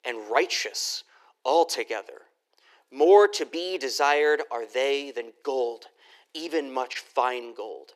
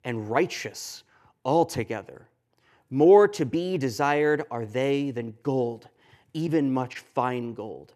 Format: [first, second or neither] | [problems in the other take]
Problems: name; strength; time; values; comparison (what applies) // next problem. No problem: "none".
second | thin; very; fading below 400 Hz